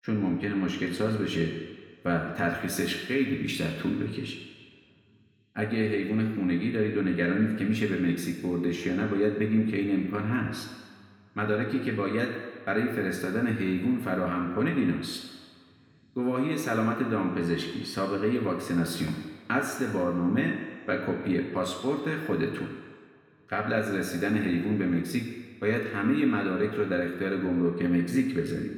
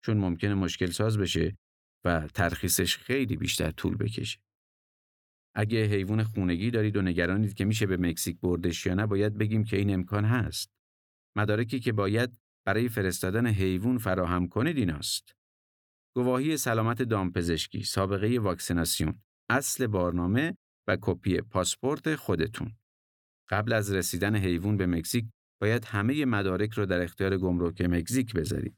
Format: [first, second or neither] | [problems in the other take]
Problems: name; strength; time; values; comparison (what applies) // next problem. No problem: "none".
second | room echo; noticeable; dies away in 1.7 s // off-mic speech; somewhat distant